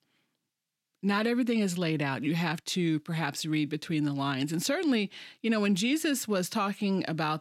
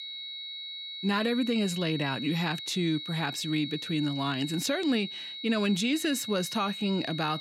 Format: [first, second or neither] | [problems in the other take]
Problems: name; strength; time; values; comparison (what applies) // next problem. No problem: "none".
first | high-pitched whine; loud; throughout; 4 kHz, 7 dB below the speech